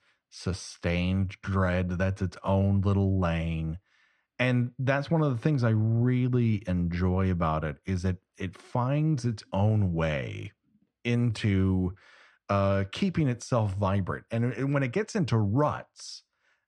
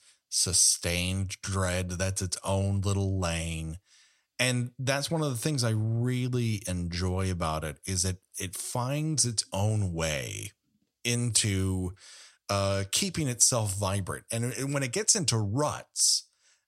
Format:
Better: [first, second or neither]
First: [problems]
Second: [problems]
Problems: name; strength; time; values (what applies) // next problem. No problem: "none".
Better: second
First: muffled; very; fading above 2 kHz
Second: none